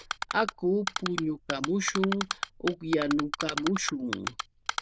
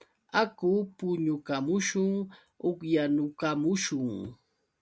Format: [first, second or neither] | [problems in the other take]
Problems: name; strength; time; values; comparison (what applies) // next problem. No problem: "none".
second | noise reduction (neural diffusion model UNIVERSE++)